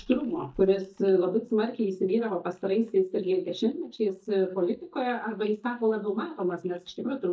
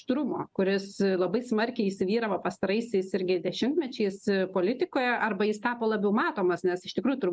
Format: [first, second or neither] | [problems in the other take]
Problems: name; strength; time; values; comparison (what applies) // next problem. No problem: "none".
second | noise reduction (neural mask model DeepFilterNet 3)